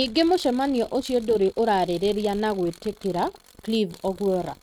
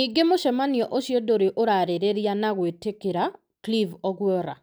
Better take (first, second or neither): second